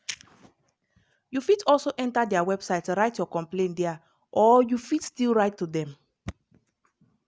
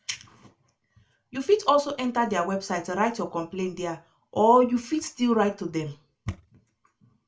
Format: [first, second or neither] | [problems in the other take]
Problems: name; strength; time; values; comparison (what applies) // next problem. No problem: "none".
first | room echo; dies away in 0.2 s